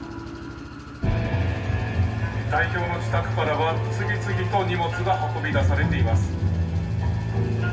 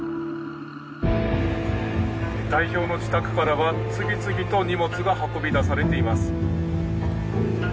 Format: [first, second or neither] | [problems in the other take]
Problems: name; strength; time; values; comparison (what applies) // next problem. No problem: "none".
second | background sound (Engine); 16 dB below the speech // room echo; dies away in 0.8 s